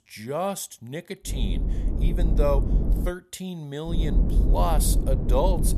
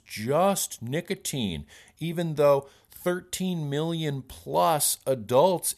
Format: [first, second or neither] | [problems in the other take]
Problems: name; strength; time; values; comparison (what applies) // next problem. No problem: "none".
second | low rumble; loud; from 1.5 to 3 s and from 4 s on; 8 dB below the speech